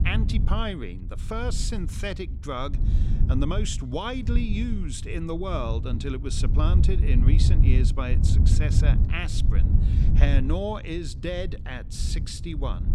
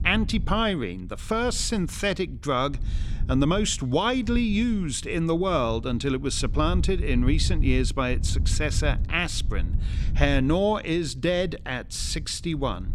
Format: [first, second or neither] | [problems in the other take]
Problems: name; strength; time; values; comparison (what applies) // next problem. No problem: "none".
second | wind noise on the microphone; heavy; 7 dB below the speech; occasional gusts in the second